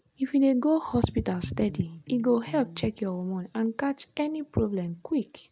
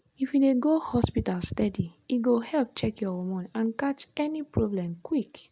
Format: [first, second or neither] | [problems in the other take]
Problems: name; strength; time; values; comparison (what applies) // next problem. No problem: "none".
second | background sound (Electric guitar); 15 dB below the speech